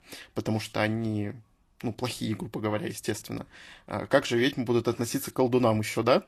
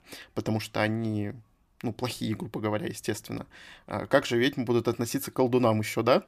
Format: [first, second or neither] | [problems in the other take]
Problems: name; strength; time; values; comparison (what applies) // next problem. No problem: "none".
second | garbled, watery; slightly; nothing above 12.5 kHz